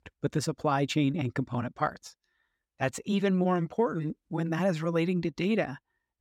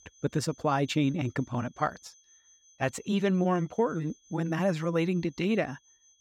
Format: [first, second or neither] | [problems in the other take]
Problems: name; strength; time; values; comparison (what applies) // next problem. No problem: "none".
first | high-pitched whine; faint; throughout; 6 kHz, 30 dB below the speech